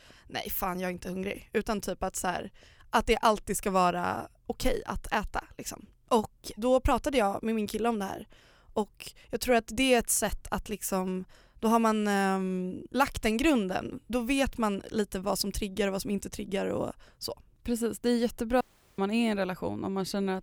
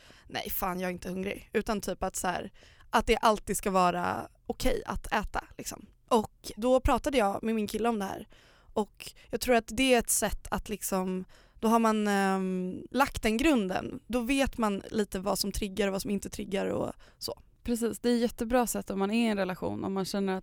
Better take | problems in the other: second | audio cutting out; at 19 s

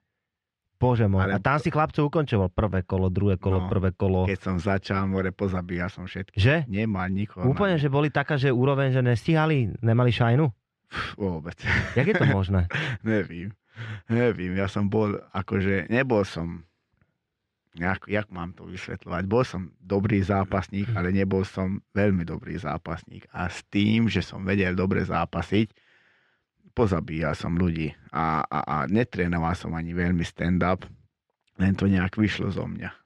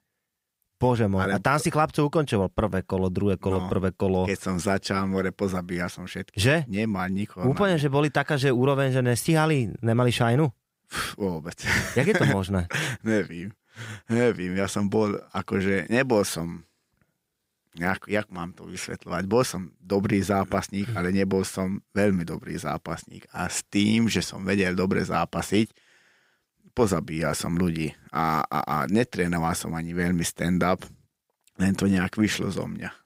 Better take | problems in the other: second | muffled; slightly; fading above 3 kHz

